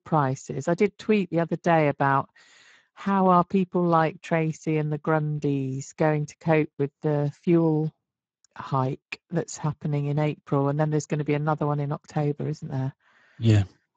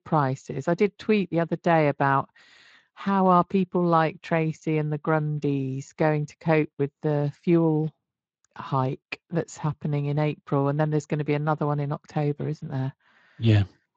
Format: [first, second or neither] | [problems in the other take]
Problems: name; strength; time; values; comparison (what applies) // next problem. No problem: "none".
second | garbled, watery; badly; nothing above 7.5 kHz; slightly in the second